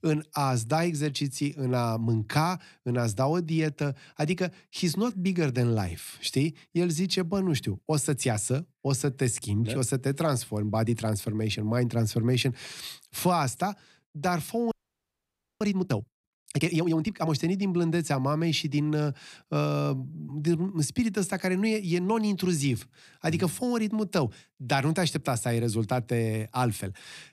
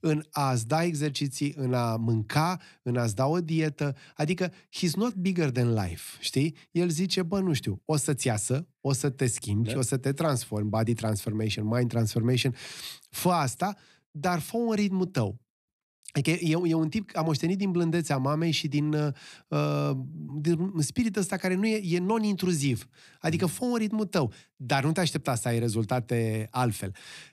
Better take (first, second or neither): second